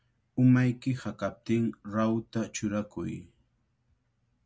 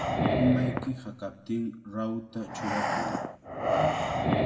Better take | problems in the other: first | background sound (Breathing); 3 dB above the speech // room echo; dies away in 1.2 s

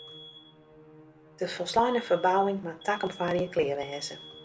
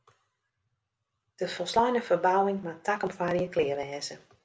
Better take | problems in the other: second | background sound (Musical instrument + Alarm); 19 dB below the speech

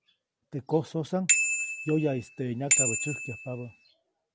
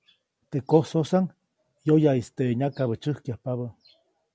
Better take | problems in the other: second | background sound (Bicycle bell); 3 dB above the speech

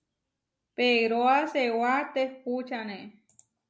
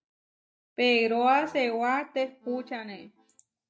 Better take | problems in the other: first | noise reduction (neural mask model DeepFilterNet 3)

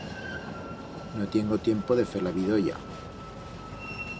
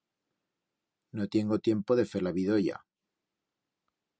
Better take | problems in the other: second | background sound (Train); 9 dB below the speech

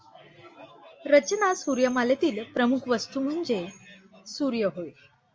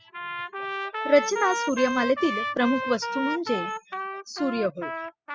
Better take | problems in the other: first | noise reduction (classical method spectral subtraction)

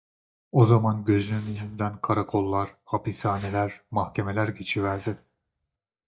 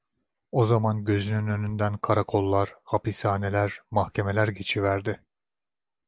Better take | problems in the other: second | noise reduction (neural mask model DeepFilterNet 3)

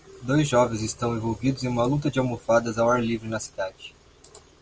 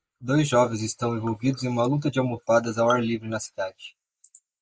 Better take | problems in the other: first | noise reduction (neural mask model Resemble Enhance denoiser)

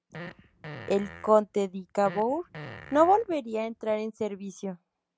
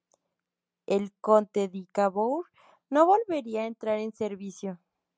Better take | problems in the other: second | background sound (Fart); 16 dB below the speech

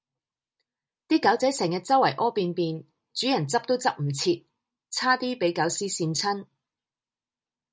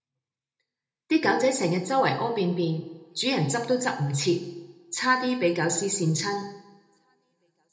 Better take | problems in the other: first | room echo; dies away in 0.8 s

